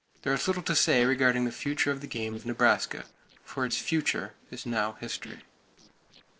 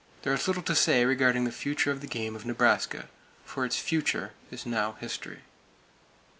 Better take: second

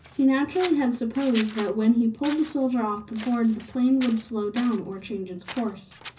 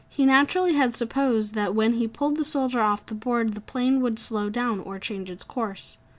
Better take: second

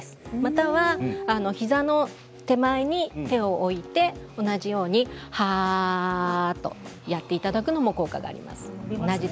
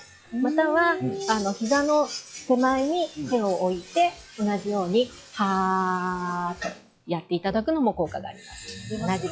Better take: first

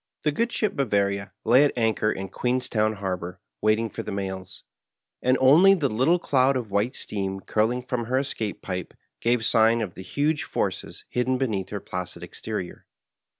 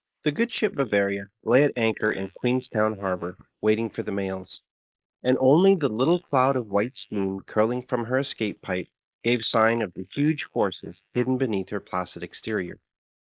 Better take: first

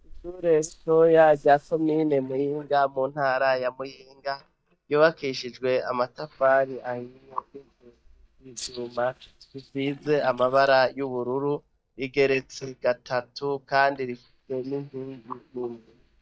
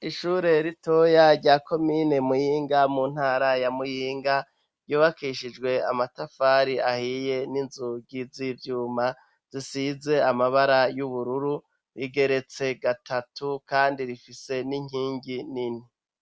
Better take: second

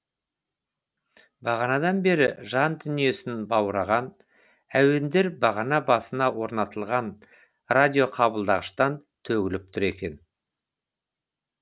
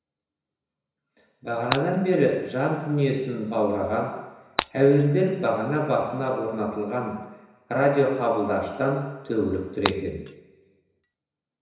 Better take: first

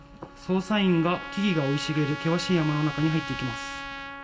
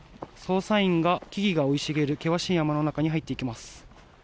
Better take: second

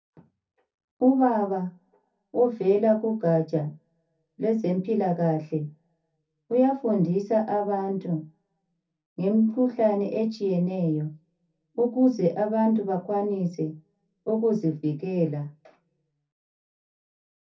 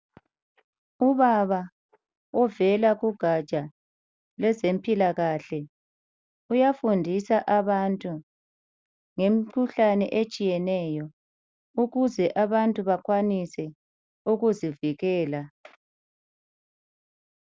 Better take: second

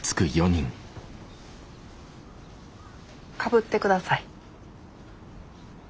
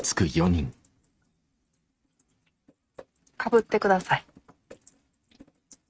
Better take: first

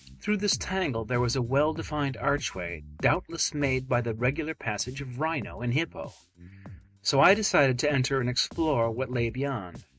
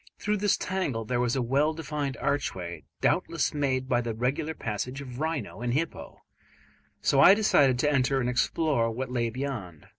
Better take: second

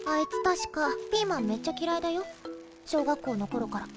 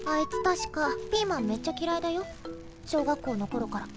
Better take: first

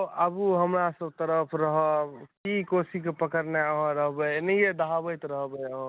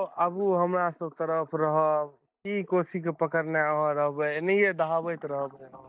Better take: first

